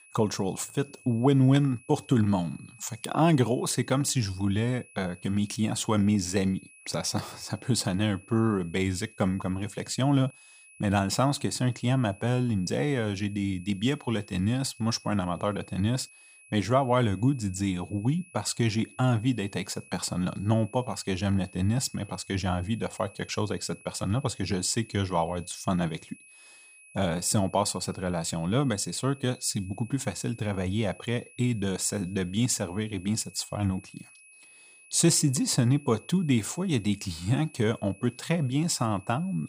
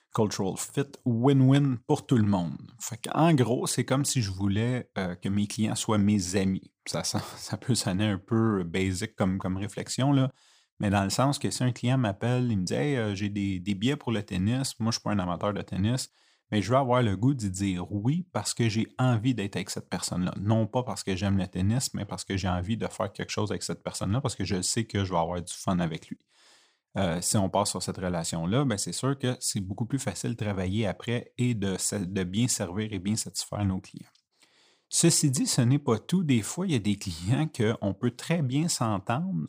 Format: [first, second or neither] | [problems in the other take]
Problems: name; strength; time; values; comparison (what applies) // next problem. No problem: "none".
second | high-pitched whine; faint; throughout; 2.5 kHz, 25 dB below the speech